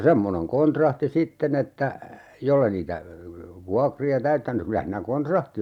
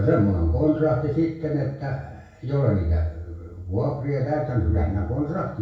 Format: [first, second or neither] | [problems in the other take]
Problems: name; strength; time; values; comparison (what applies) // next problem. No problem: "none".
first | room echo; dies away in 0.6 s